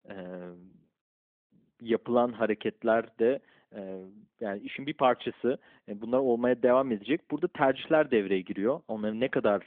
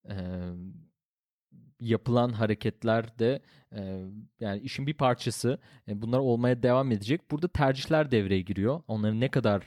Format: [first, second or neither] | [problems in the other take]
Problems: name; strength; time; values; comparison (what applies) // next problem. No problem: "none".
second | phone-call audio; nothing above 3.5 kHz